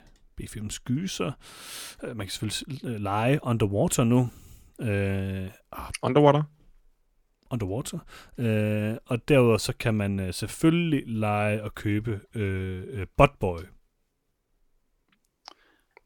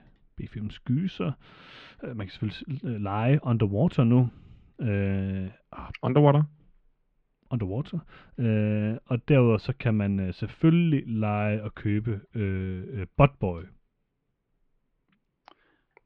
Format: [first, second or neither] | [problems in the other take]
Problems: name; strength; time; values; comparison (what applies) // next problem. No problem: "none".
first | muffled; slightly; fading above 3.5 kHz